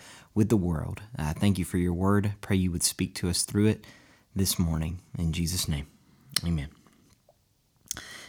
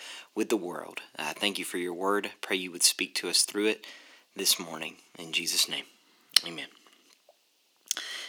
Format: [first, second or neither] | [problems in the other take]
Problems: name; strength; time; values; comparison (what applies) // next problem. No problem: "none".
first | thin; very; fading below 350 Hz